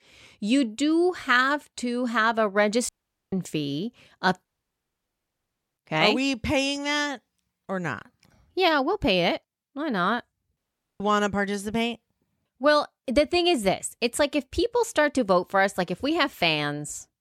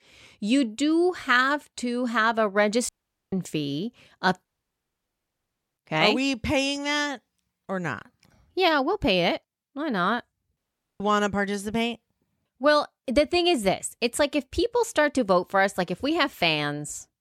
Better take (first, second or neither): neither